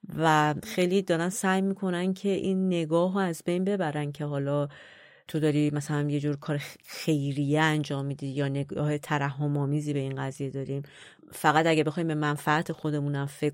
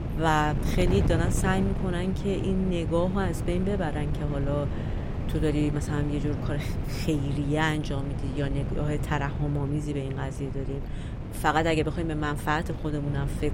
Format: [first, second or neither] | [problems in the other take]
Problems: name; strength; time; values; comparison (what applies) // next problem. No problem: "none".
first | wind noise on the microphone; heavy; 10 dB below the speech